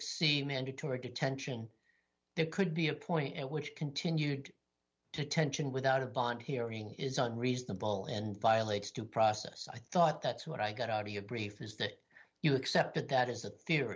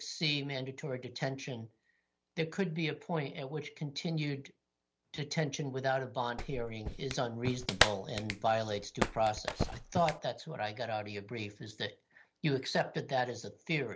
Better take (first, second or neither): first